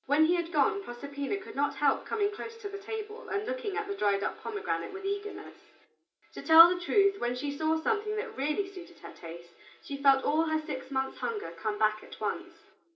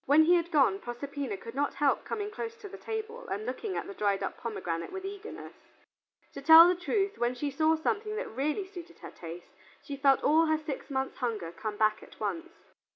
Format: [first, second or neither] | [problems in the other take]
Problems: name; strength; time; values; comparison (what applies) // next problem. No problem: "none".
second | room echo; dies away in 0.3 s